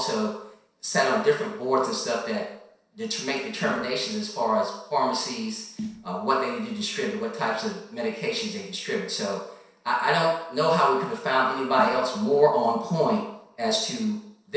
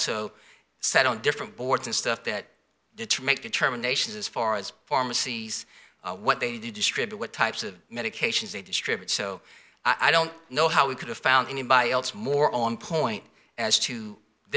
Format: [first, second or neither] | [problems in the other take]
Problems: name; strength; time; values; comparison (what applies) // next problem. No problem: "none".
second | noise reduction (neural separator model SepFormer DNS4)